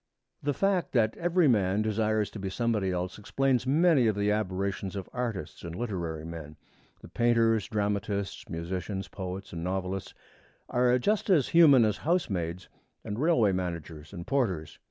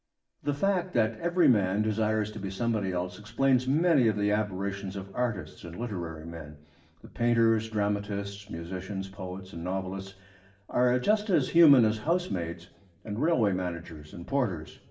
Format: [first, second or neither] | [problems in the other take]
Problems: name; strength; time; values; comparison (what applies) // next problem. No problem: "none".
first | room echo; dies away in 0.6 s